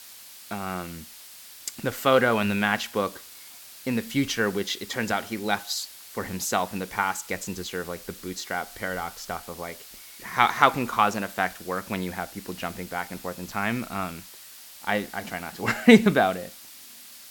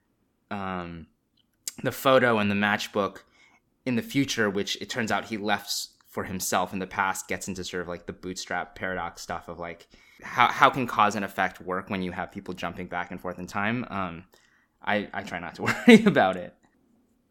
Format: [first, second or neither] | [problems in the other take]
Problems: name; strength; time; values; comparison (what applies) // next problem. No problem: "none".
second | hiss; noticeable; throughout; 15 dB below the speech